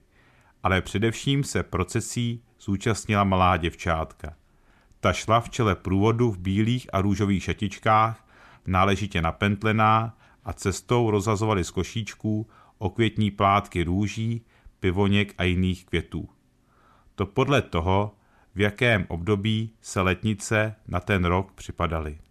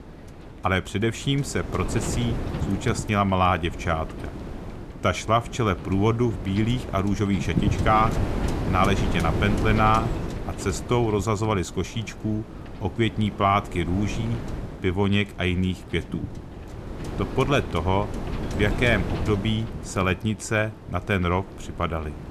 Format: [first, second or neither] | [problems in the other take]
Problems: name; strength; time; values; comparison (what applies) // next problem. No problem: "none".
first | wind noise on the microphone; occasional gusts; 10 dB below the speech